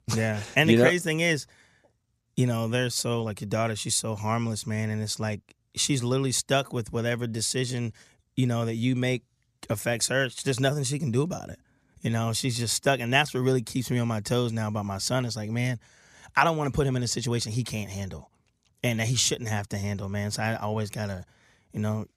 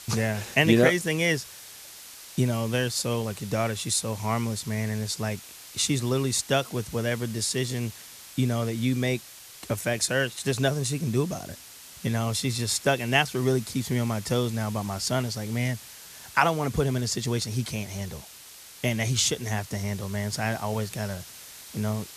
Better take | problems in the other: first | hiss; noticeable; throughout; 15 dB below the speech

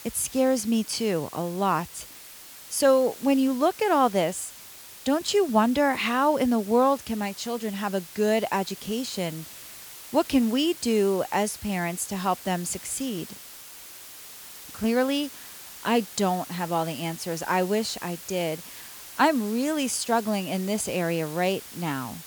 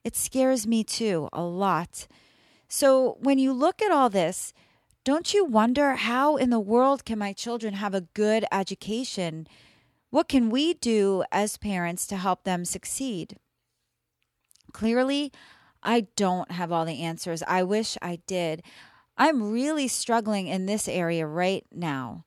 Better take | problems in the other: second | hiss; noticeable; throughout; 15 dB below the speech

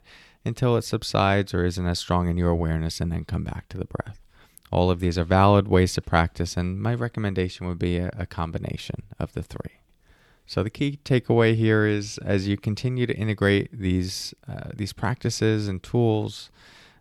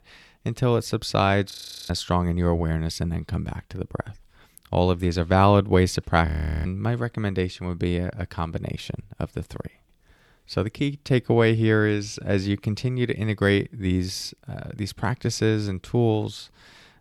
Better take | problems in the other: first | audio freezing; at 1.5 s and at 6.5 s

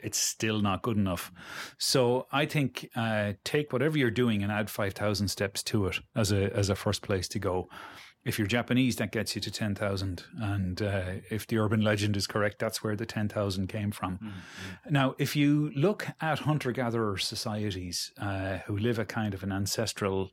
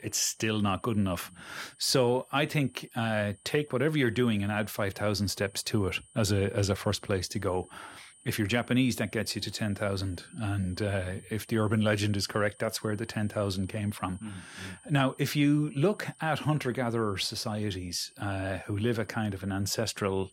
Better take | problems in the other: first | high-pitched whine; faint; throughout; 9 kHz, 25 dB below the speech

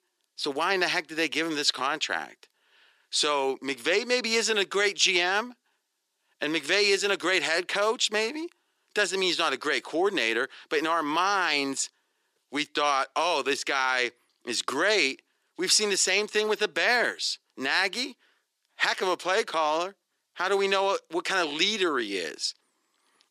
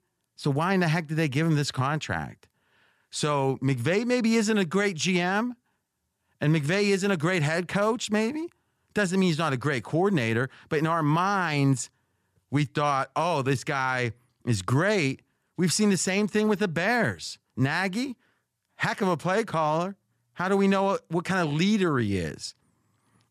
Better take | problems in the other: second | thin; somewhat; fading below 350 Hz

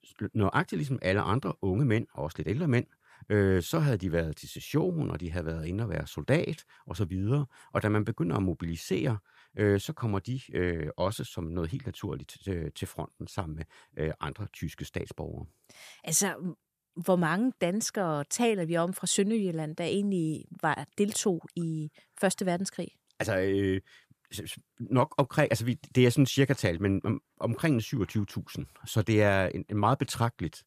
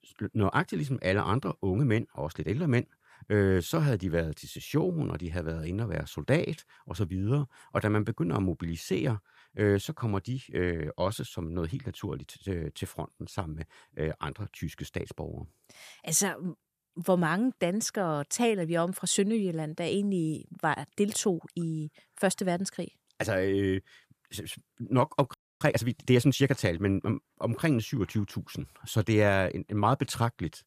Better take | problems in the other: first | audio freezing; at 25 s

